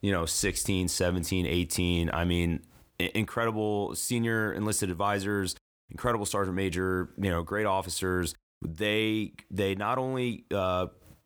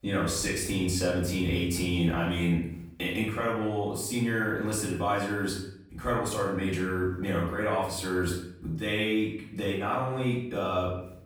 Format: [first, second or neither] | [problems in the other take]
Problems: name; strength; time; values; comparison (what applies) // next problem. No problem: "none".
first | off-mic speech; far // room echo; noticeable; dies away in 0.6 s